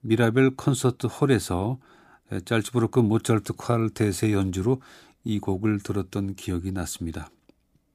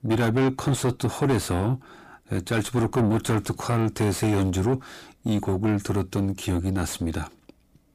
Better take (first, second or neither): first